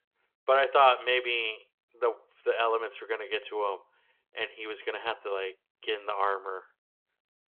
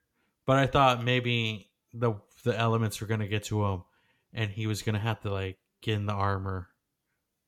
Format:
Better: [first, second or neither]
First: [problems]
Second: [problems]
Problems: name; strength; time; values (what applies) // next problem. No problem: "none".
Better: second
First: phone-call audio; nothing above 3.5 kHz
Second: none